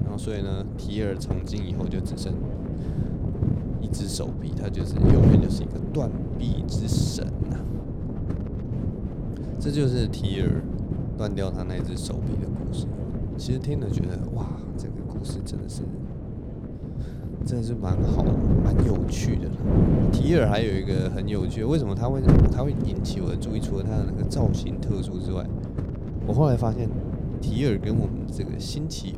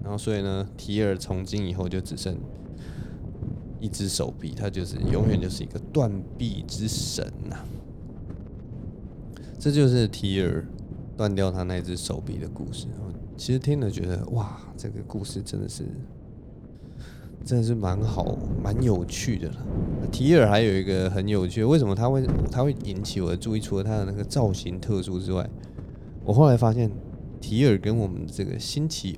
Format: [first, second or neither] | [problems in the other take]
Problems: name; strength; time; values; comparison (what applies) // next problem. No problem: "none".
second | wind noise on the microphone; heavy; 1 dB below the speech; occasional gusts in the second